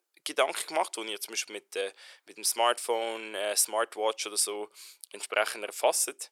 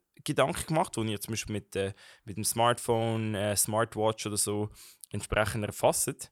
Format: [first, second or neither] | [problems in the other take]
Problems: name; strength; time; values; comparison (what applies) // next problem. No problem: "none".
second | thin; very; fading below 400 Hz